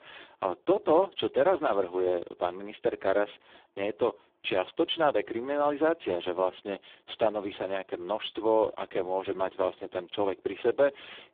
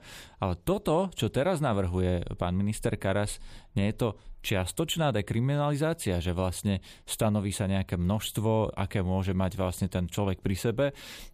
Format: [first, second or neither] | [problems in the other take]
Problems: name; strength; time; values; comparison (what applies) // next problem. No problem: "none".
second | phone-call audio; poor line